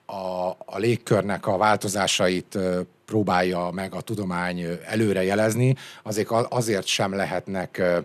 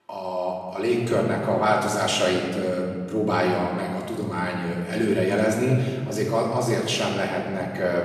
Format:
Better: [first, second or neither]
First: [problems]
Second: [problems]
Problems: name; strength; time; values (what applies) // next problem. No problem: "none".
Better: first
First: none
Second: room echo; noticeable; dies away in 1.7 s // off-mic speech; far